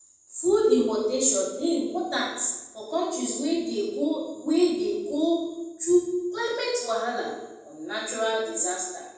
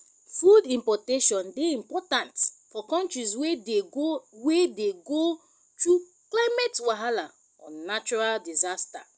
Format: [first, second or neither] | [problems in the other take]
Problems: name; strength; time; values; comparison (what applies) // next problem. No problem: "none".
second | room echo; dies away in 1.2 s